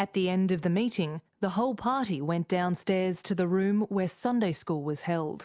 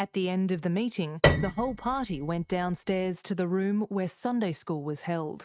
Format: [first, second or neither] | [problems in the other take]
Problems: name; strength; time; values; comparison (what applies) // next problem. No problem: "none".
first | noise reduction (neural mask model RNNoise)